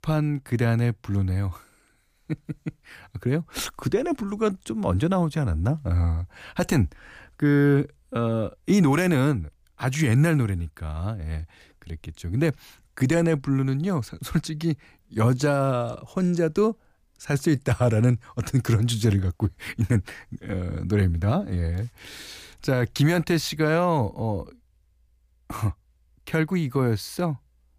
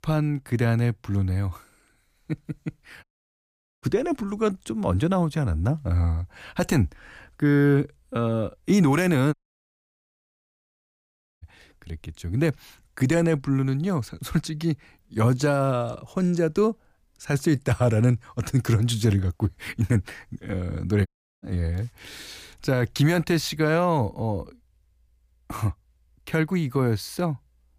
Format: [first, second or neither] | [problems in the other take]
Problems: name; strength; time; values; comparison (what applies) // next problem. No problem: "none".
first | audio cutting out; at 3 s for 1 s, at 9.5 s for 2 s and at 21 s